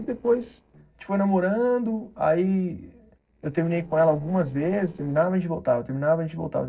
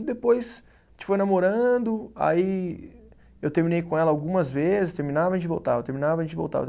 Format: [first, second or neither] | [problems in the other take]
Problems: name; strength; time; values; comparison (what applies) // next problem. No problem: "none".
second | noise reduction (neural separator model SepFormer DNS4)